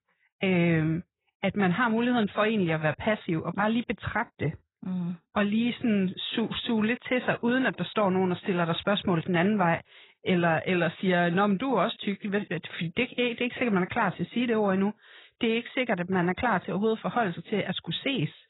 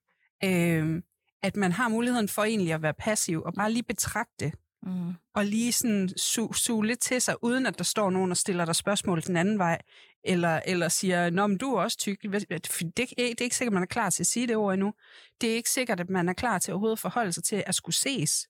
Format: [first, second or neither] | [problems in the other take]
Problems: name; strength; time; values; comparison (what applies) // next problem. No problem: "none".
second | garbled, watery; badly; nothing above 4 kHz